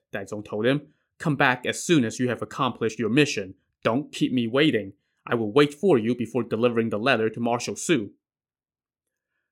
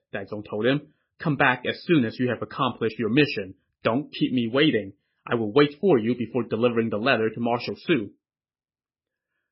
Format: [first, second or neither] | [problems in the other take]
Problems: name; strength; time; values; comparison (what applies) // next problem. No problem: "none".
first | garbled, watery; badly; nothing above 5.5 kHz